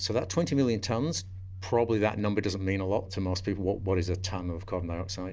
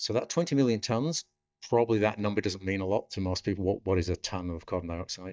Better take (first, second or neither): first